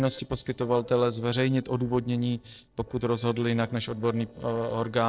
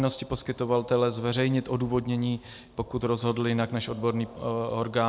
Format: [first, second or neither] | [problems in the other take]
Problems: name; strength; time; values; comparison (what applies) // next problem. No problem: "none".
second | noise reduction (neural separator model SepFormer DNS4)